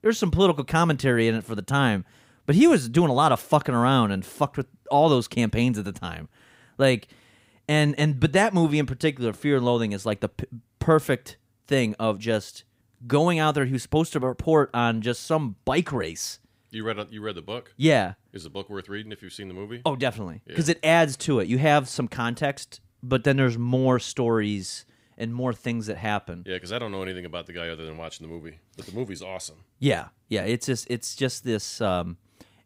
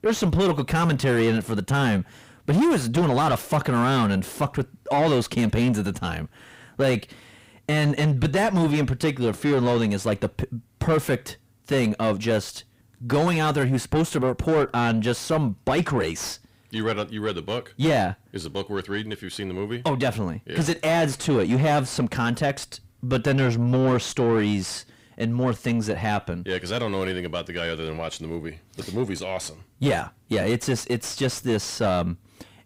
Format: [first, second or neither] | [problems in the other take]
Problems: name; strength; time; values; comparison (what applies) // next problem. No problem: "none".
first | distortion; heavy; 6 dB below the speech